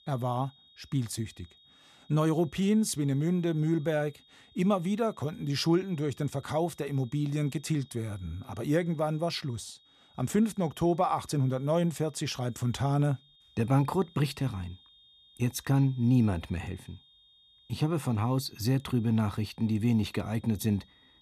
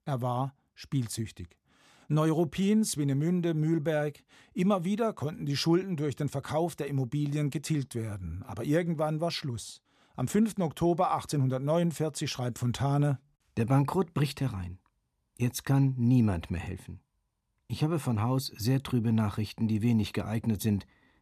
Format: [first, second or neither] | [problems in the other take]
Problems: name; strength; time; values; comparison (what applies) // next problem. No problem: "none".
second | high-pitched whine; faint; throughout; 3.5 kHz, 30 dB below the speech